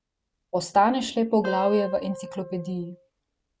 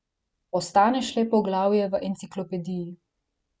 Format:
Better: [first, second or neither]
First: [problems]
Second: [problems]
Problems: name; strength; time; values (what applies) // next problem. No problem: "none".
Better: second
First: background sound (Wind instrument, woodwind instrument); 11 dB below the speech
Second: none